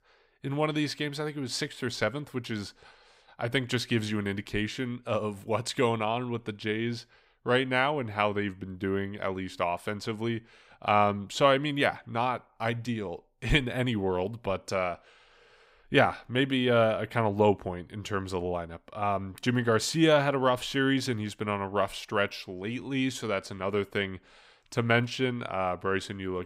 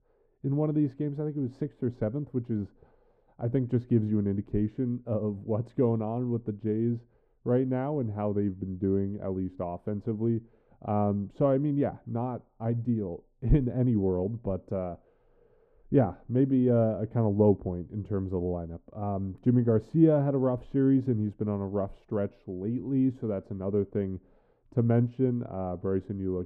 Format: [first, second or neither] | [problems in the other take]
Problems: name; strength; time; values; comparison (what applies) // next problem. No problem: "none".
first | muffled; very; fading above 1 kHz